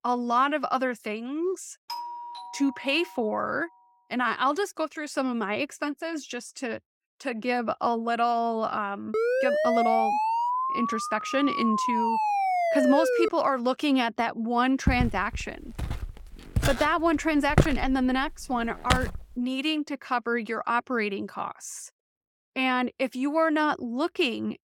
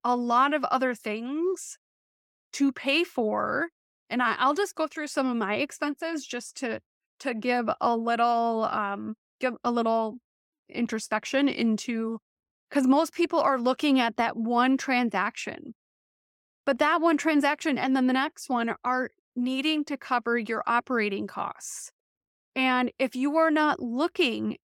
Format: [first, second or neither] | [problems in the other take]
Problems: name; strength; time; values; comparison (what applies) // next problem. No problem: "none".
second | doorbell; noticeable; from 2 to 3.5 s; peak 8 dB below the speech // siren; loud; from 9 to 13 s; peak 3 dB above the speech // footsteps; loud; from 15 to 19 s; peak 2 dB above the speech